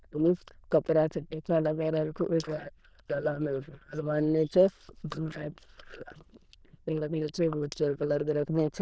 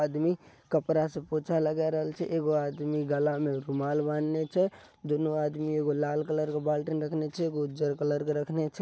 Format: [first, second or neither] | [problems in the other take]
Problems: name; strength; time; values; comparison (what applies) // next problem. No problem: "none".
second | noise reduction (neural diffusion model UNIVERSE++)